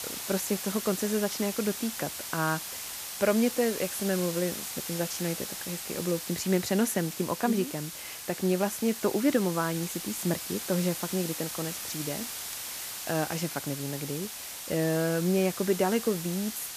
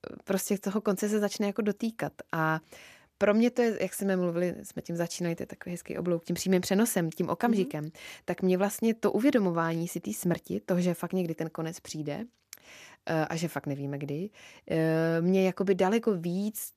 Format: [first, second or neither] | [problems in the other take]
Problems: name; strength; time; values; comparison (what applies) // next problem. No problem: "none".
second | hiss; loud; throughout; 5 dB below the speech